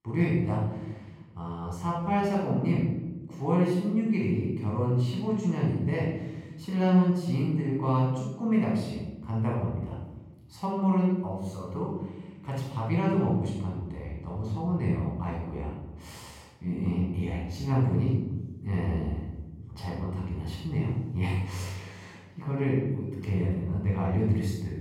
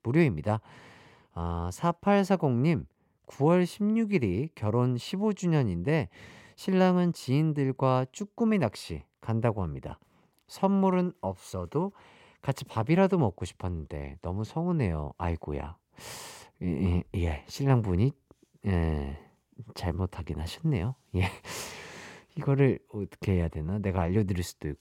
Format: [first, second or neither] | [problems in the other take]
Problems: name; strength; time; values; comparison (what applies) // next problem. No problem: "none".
second | off-mic speech; far // room echo; noticeable; dies away in 1.1 s